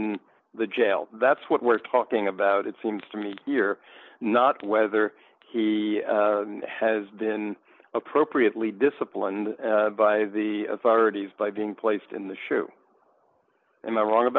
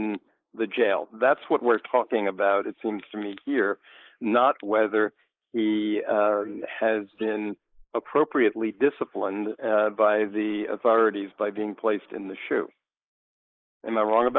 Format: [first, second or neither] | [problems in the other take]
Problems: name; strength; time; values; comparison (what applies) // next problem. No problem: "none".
first | noise reduction (neural mask model Resemble Enhance denoiser)